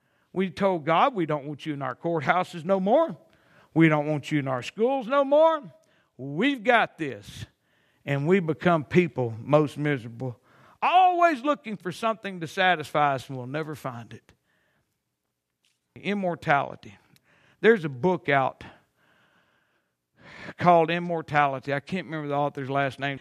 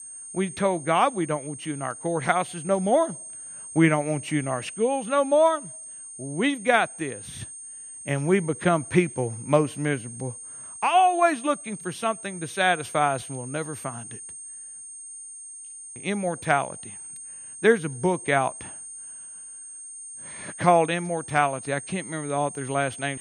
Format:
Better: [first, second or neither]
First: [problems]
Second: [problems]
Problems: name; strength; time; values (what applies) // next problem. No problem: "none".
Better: first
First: none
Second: high-pitched whine; noticeable; throughout; 8.5 kHz, 15 dB below the speech